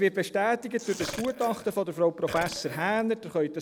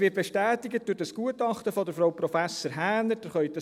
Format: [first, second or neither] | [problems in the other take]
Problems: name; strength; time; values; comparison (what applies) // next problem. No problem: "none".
second | background sound (Tearing + Burping, eructation); 12 dB below the speech